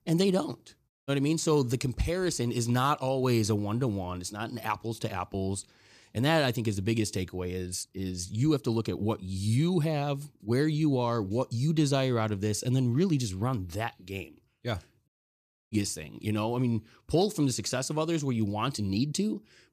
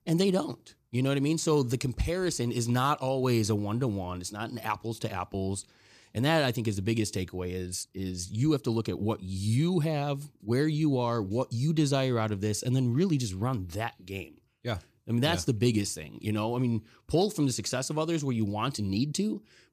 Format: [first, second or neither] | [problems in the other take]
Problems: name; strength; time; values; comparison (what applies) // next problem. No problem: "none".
second | audio cutting out; at 1 s and at 15 s for 0.5 s